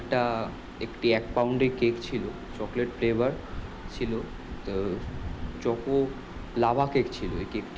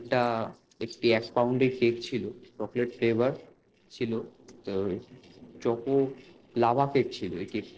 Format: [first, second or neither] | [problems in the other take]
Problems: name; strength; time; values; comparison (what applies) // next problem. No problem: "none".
first | noise reduction (neural separator model SepFormer DNS4)